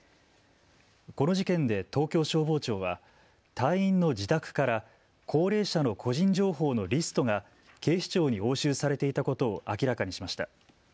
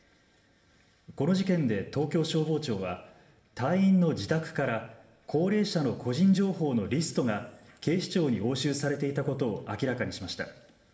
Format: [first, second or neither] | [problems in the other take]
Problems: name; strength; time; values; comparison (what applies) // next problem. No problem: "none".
first | room echo; dies away in 0.9 s